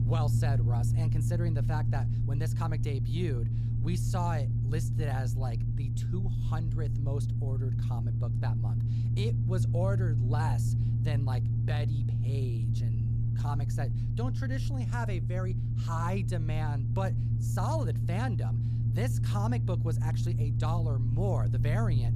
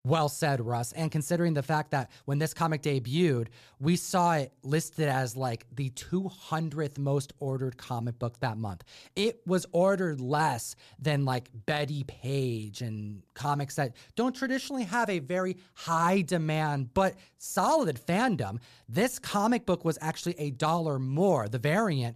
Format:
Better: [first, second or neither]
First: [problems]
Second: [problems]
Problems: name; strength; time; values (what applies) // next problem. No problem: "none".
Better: second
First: low rumble; loud; throughout; 3 dB below the speech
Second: none